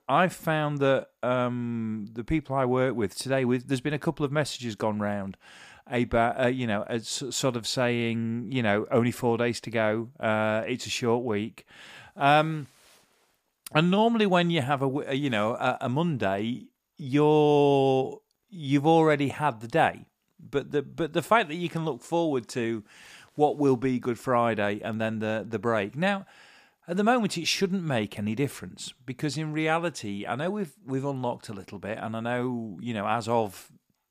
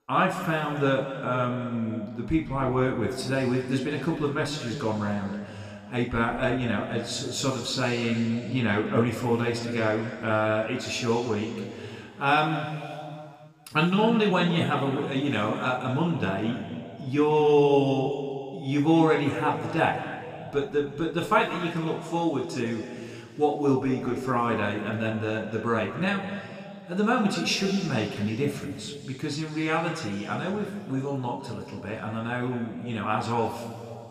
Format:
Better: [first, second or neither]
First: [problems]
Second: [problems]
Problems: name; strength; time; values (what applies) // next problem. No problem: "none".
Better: first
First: none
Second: room echo; noticeable; dies away in 2.3 s // off-mic speech; somewhat distant